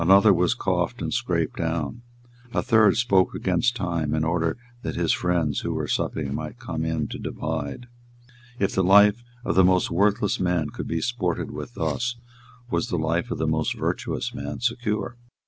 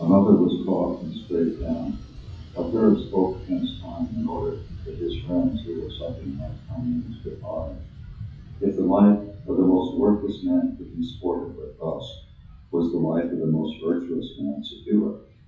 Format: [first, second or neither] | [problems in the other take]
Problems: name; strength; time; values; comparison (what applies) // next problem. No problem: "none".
first | noise reduction (classical method WPE with log-MMSE)